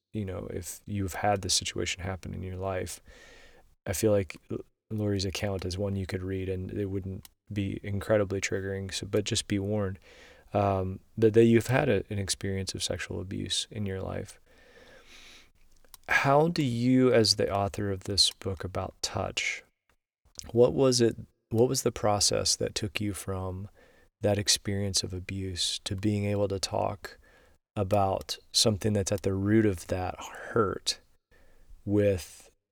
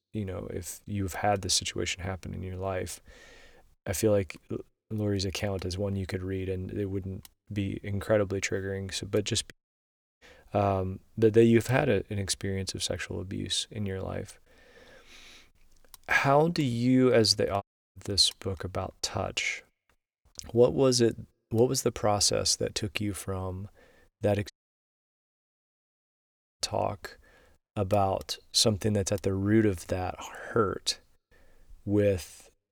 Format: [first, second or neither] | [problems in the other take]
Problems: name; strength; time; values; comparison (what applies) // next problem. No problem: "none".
first | audio cutting out; at 9.5 s for 0.5 s, at 18 s and at 25 s for 2 s